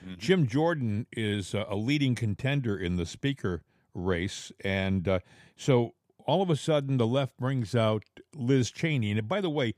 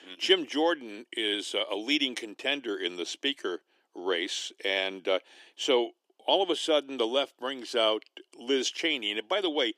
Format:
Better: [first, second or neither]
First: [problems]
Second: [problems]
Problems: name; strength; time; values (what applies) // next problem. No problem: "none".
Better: first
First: none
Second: thin; somewhat; fading below 300 Hz